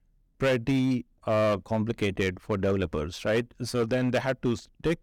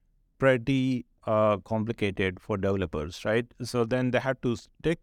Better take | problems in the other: second | distortion; slight; 7% of the sound clipped

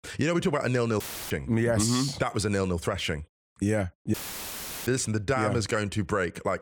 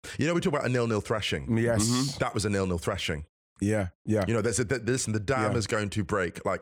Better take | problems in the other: second | audio cutting out; filled with static; at 1 s and at 4 s for 0.5 s

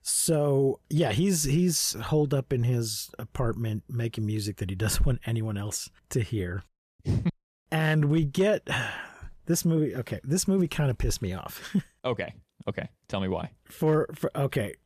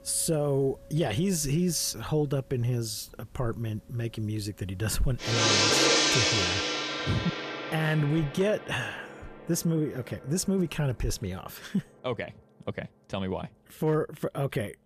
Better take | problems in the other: first | background music; very loud; throughout; 5 dB above the speech

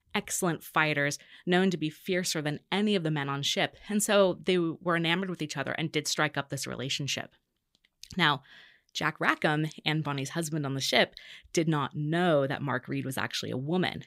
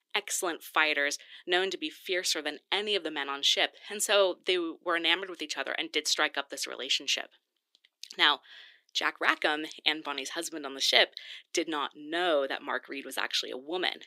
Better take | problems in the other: first | thin; very; fading below 300 Hz

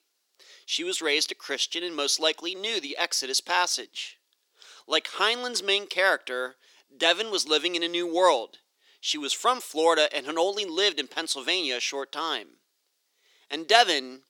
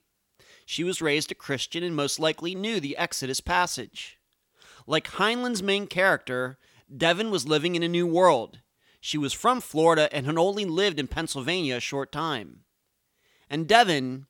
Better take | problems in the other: second | thin; somewhat; fading below 350 Hz

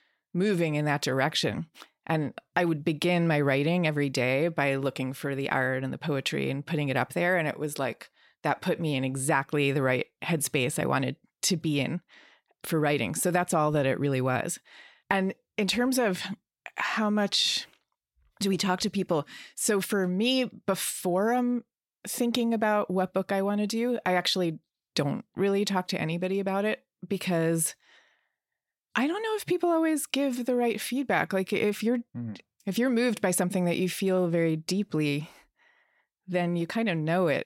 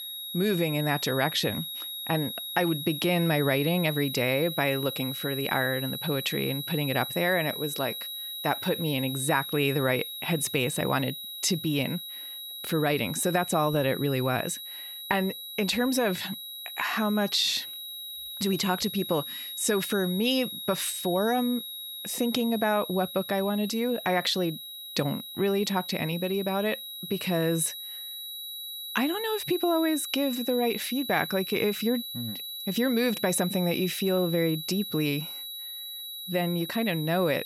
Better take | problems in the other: first | high-pitched whine; loud; throughout; 4 kHz, 7 dB below the speech

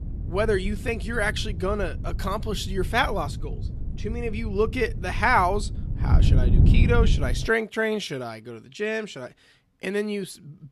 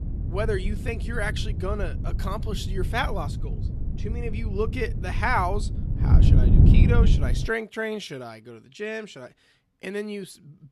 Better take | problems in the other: first | wind noise on the microphone; heavy; until 7.5 s; 8 dB below the speech; occasional gusts in the first

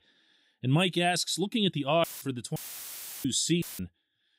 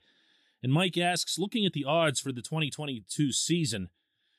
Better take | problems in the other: second | audio cutting out; filled with static; at 2 s, at 2.5 s for 0.5 s and at 3.5 s

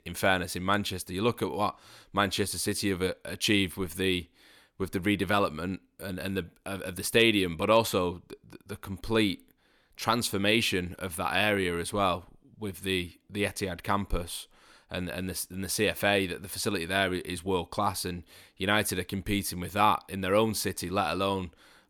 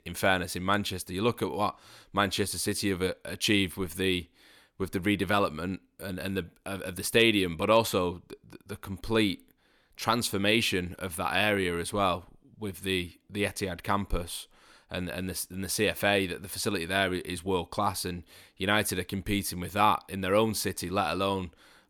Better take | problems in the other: neither | none

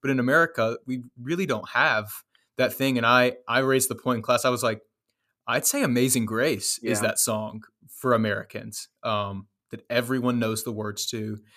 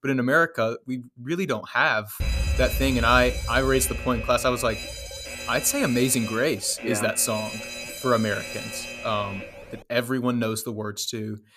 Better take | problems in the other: first | alarm; noticeable; from 2 to 9.5 s; peak 2 dB below the speech

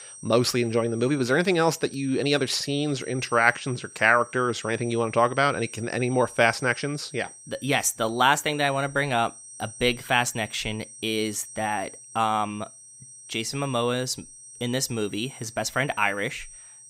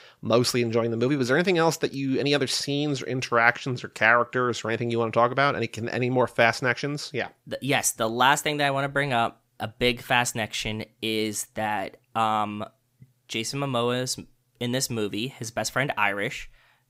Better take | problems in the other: second | high-pitched whine; noticeable; throughout; 8.5 kHz, 15 dB below the speech

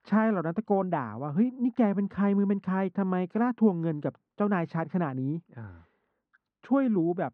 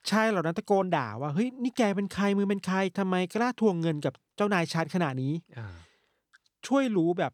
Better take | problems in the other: second | muffled; very; fading above 1.5 kHz

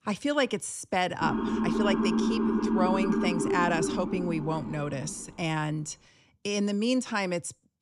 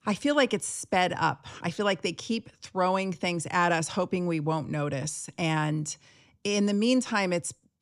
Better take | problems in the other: second | siren; loud; from 1 to 5 s; peak 4 dB above the speech

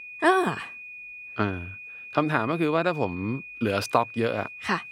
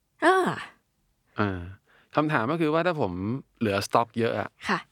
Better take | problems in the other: second | high-pitched whine; noticeable; throughout; 2.5 kHz, 15 dB below the speech

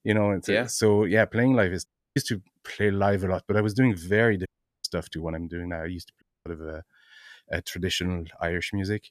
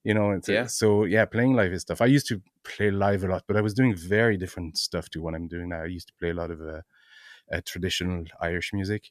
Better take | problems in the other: second | audio cutting out; at 2 s, at 4.5 s and at 6 s

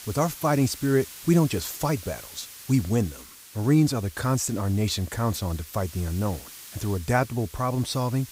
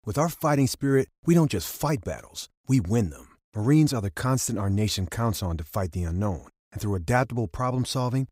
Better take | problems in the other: second | hiss; noticeable; throughout; 15 dB below the speech

